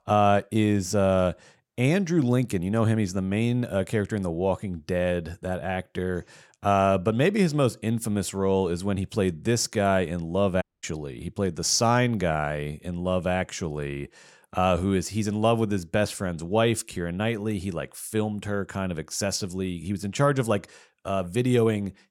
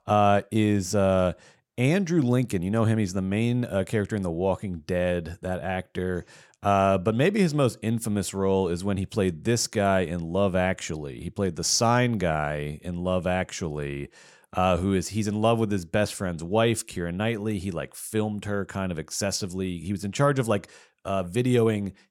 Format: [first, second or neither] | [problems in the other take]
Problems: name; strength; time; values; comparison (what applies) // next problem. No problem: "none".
second | audio cutting out; at 11 s